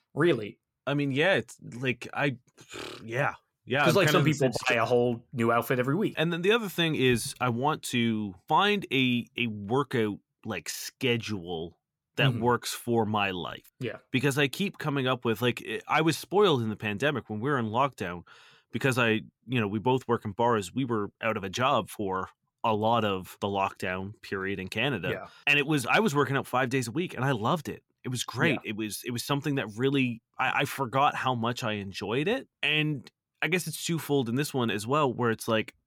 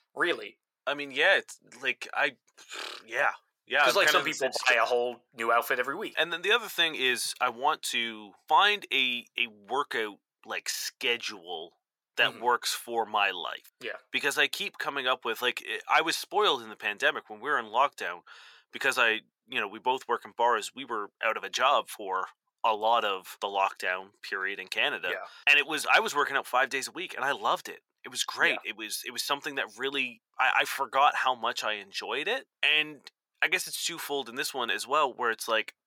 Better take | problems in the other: first | thin; very; fading below 650 Hz

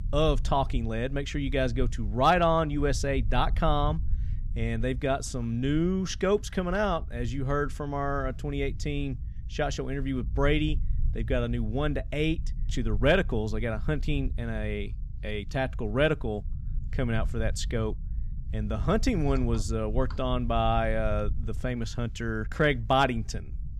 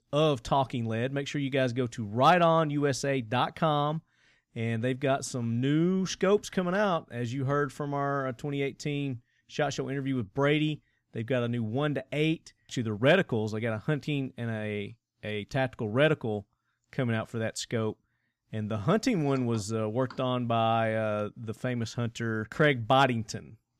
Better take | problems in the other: second | low rumble; faint; throughout; 25 dB below the speech

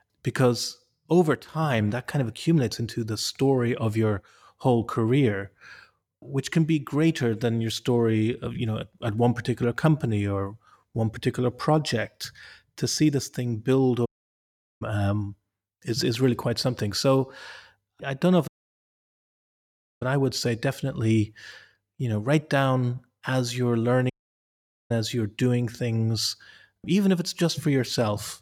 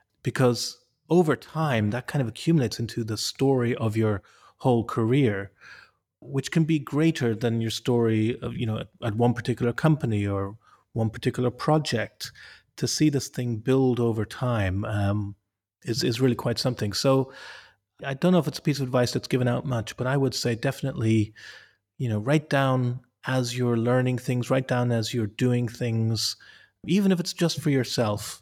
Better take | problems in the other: second | audio cutting out; at 14 s for 1 s, at 18 s for 1.5 s and at 24 s for 1 s

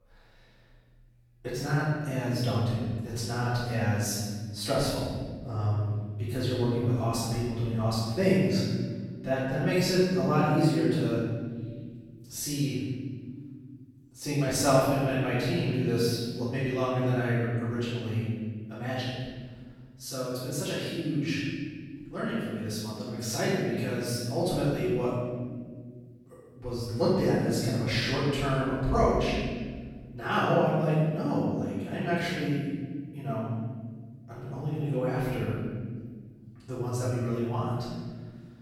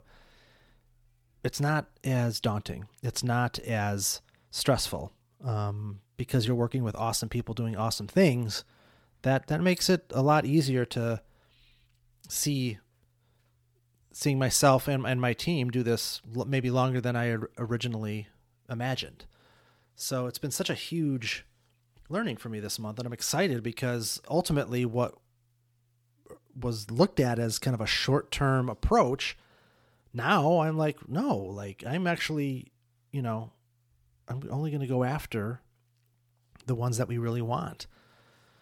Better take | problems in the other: second | off-mic speech; far // room echo; strong; dies away in 1.9 s

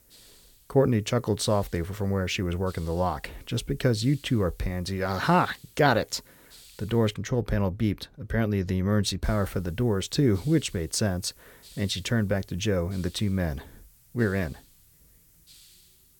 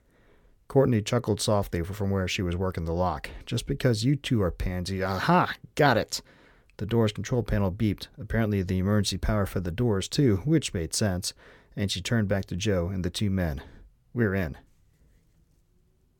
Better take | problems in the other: second | hiss; faint; until 7 s and from 9 s on; 25 dB below the speech

